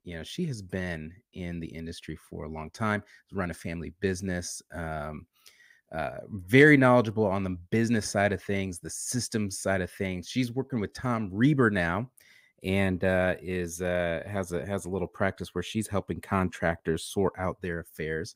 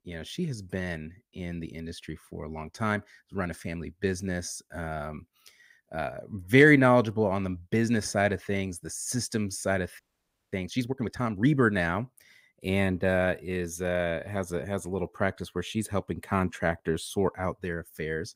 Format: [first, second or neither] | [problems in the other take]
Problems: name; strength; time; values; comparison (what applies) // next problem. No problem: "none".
first | audio freezing; at 10 s for 0.5 s